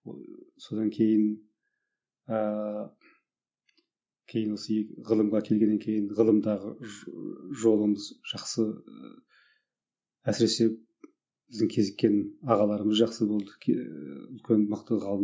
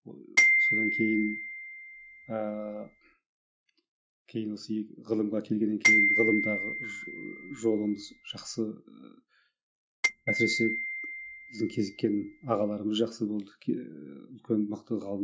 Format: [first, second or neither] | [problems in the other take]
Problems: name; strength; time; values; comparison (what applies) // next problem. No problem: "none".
first | noise reduction (neural mask model RNNoise)